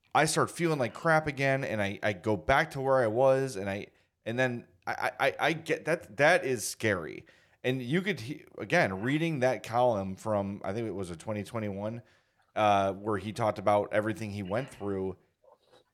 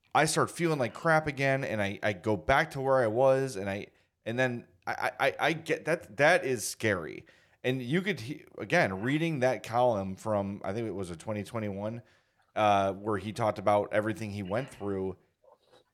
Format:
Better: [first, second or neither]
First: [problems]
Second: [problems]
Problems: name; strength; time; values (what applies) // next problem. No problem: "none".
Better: neither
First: none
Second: none